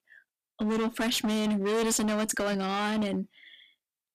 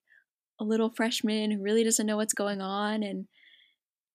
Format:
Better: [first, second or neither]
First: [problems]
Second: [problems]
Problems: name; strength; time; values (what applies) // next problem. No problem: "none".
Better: second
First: distortion; heavy; 21% of the sound clipped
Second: none